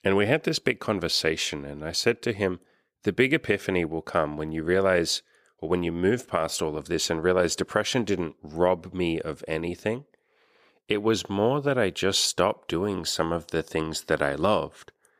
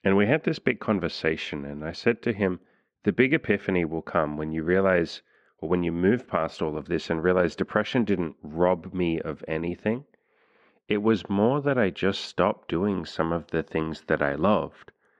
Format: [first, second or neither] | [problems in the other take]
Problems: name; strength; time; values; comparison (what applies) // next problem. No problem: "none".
first | muffled; slightly; fading above 2 kHz